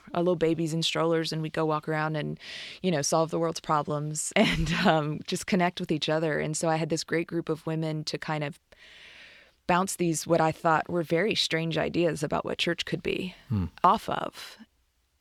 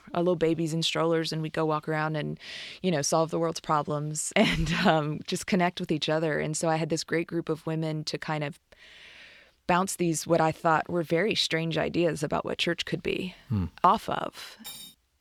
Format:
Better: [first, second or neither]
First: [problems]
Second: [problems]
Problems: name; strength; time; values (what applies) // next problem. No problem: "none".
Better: first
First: none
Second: clattering dishes; faint; at 15 s; peak 15 dB below the speech